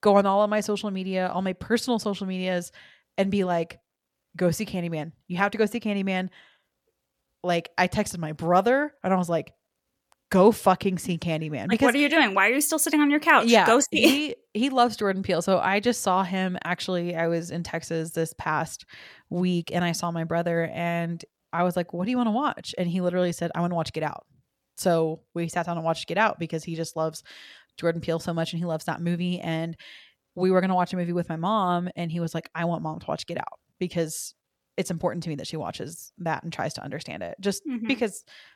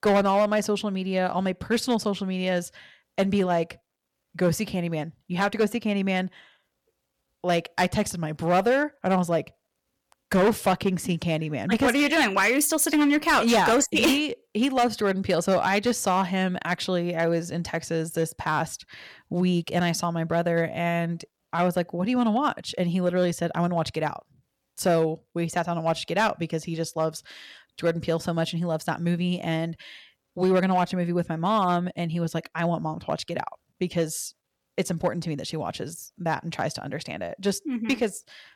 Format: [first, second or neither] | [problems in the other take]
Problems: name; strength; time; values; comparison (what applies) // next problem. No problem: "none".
first | distortion; slight; 3% of the sound clipped